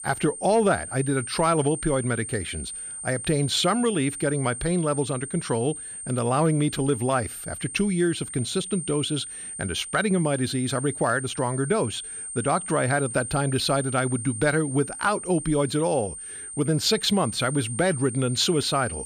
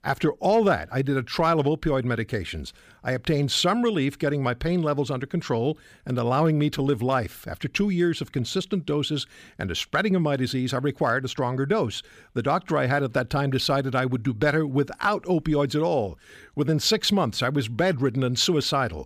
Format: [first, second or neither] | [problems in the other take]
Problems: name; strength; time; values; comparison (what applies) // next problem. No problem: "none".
second | high-pitched whine; loud; throughout; 8.5 kHz, 8 dB below the speech